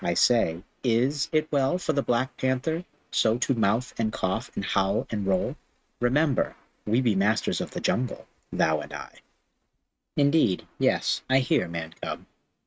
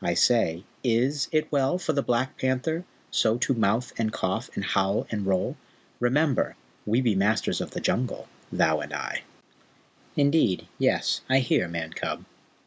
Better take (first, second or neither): second